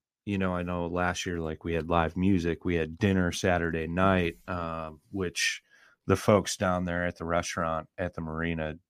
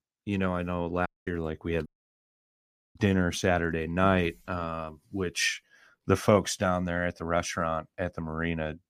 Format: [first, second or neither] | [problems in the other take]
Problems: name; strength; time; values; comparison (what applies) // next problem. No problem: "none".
first | audio cutting out; at 1 s and at 2 s for 1 s